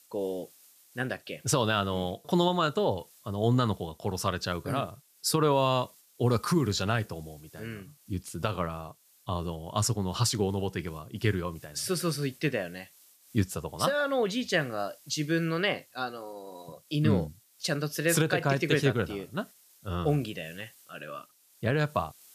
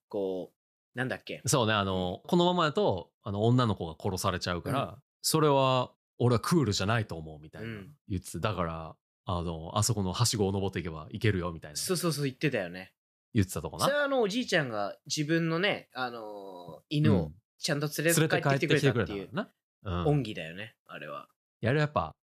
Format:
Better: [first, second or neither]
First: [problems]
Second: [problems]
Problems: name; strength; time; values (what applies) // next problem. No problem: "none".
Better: second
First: hiss; faint; throughout; 25 dB below the speech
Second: none